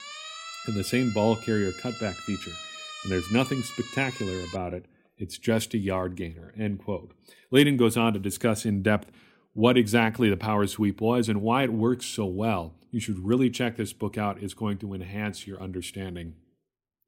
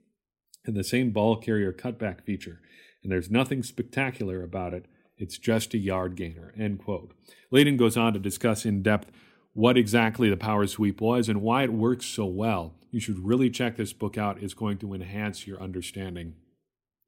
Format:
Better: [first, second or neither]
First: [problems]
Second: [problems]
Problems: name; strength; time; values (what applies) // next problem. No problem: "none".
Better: second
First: siren; faint; until 4.5 s; peak 10 dB below the speech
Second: none